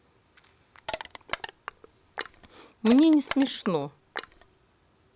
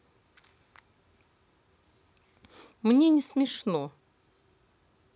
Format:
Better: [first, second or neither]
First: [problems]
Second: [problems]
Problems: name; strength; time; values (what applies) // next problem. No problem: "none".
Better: second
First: background sound (Crushing); 11 dB below the speech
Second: none